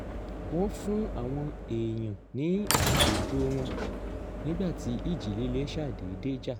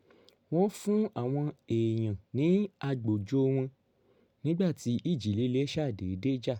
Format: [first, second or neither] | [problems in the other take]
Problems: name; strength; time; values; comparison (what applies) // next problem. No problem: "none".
second | background sound (Sliding door / Train); as loud as the speech